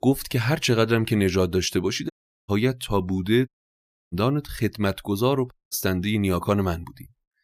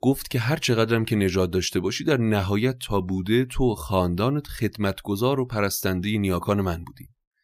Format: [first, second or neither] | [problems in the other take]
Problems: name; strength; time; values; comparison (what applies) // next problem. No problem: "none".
second | audio cutting out; at 2 s, at 3.5 s for 0.5 s and at 5.5 s